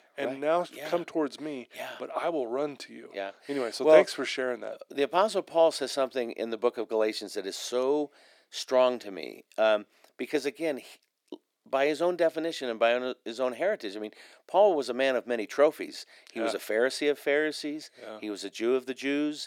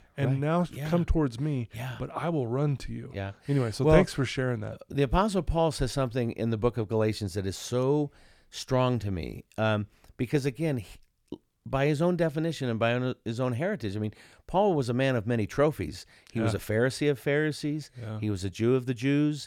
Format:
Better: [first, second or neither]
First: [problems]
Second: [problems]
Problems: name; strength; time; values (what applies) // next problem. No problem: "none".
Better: second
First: thin; somewhat; fading below 300 Hz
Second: none